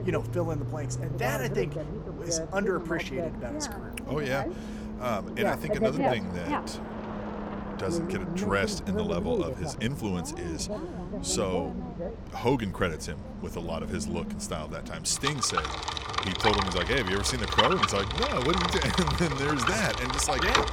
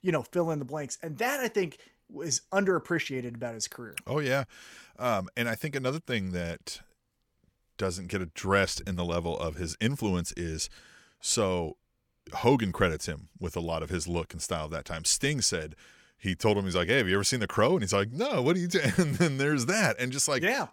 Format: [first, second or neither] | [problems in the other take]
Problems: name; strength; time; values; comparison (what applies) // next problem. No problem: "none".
second | traffic noise; loud; throughout; as loud as the speech